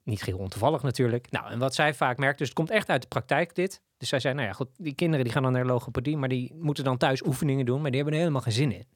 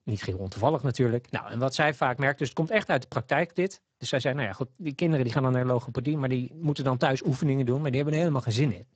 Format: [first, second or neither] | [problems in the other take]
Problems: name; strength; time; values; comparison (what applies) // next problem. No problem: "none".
first | garbled, watery; badly; nothing above 7.5 kHz